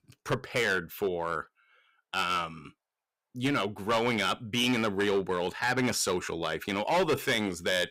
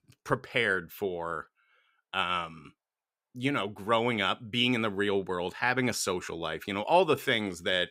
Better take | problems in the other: second | distortion; heavy; 7% of the sound clipped

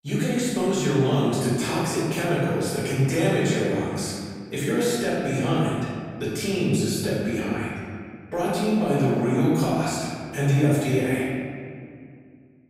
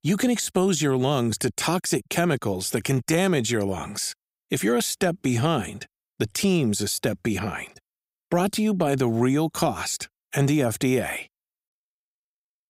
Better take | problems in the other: second | off-mic speech; far // room echo; strong; dies away in 2 s

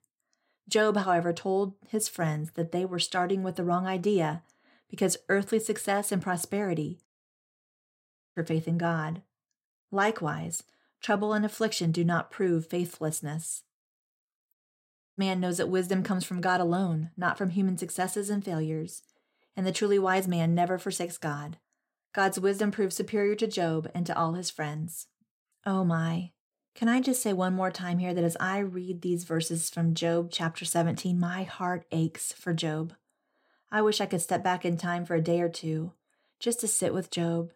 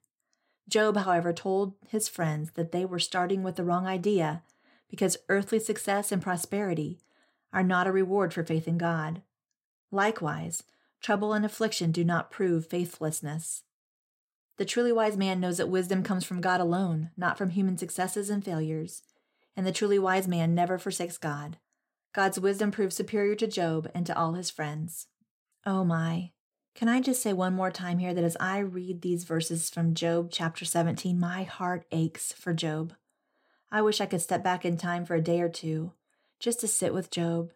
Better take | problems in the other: second | audio cutting out; at 7 s for 1.5 s and at 15 s for 0.5 s

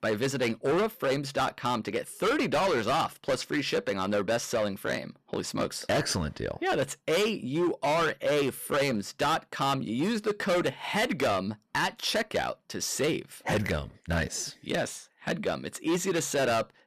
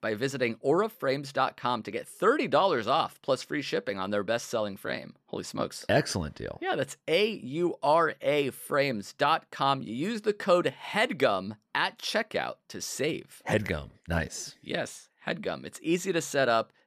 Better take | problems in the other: second | distortion; heavy; 14% of the sound clipped

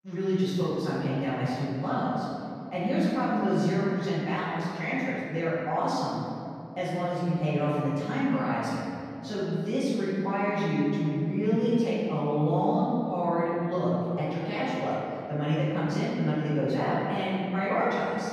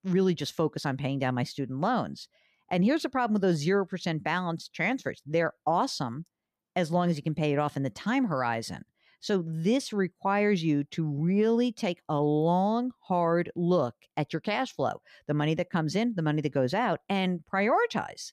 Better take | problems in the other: second | room echo; strong; dies away in 2.5 s // off-mic speech; far

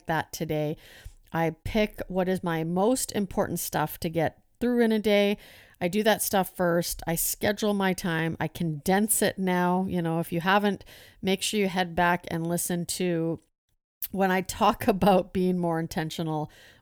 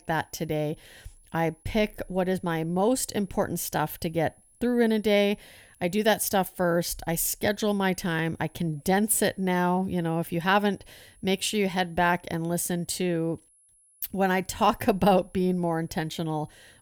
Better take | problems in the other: first | high-pitched whine; faint; throughout; 10.5 kHz, 30 dB below the speech

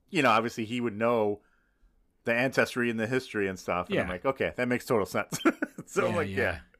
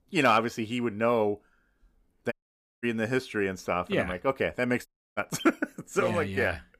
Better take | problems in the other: first | audio cutting out; at 2.5 s for 0.5 s and at 5 s

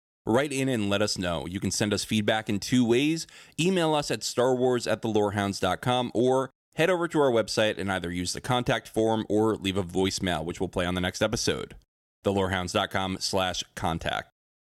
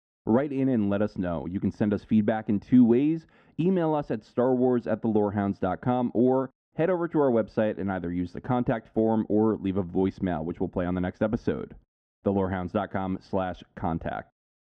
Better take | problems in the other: first | muffled; very; fading above 1 kHz

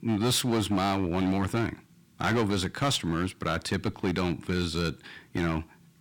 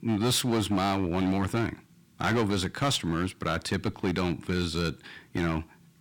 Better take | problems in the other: neither | distortion; heavy; 9% of the sound clipped; the same in both

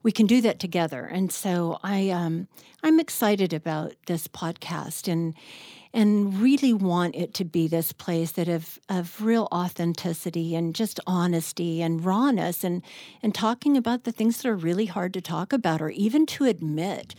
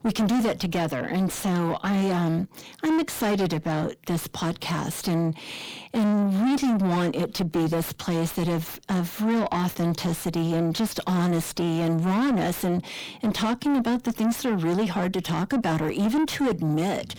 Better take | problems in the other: first | distortion; heavy; 5 dB below the speech

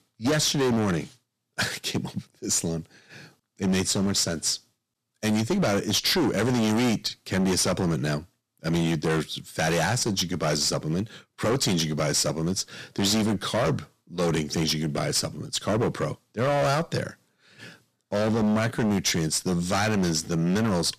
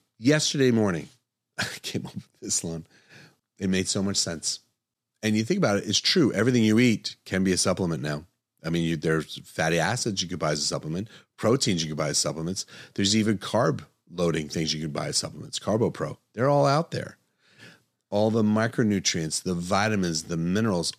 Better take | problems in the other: second | distortion; heavy; 15% of the sound clipped

